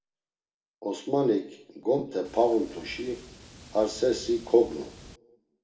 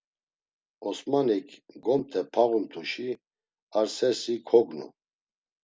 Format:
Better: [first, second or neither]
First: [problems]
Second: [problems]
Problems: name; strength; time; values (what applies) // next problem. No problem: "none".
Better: second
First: background sound (Water); 20 dB below the speech // room echo; dies away in 0.6 s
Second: none